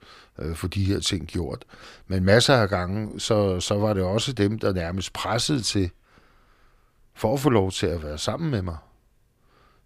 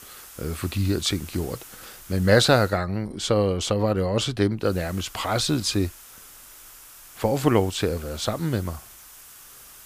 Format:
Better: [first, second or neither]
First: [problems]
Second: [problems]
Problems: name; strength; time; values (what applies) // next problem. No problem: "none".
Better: first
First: none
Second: hiss; noticeable; until 2.5 s and from 4.5 s on; 20 dB below the speech